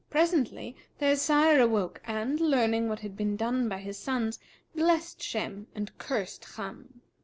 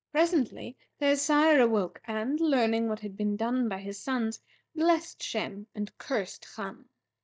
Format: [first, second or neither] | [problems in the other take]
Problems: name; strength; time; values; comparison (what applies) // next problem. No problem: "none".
first | noise reduction (neural mask model DeepFilterNet 3)